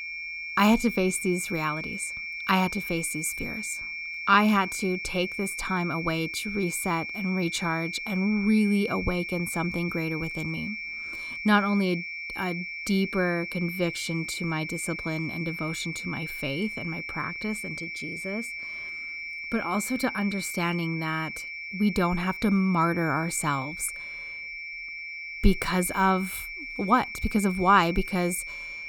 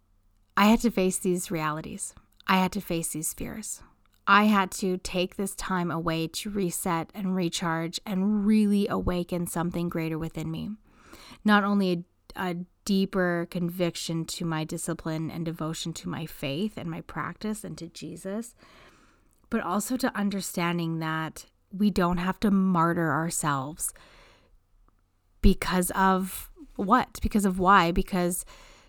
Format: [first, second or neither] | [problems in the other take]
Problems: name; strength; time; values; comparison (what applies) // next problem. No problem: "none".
second | high-pitched whine; loud; throughout; 2.5 kHz, 6 dB below the speech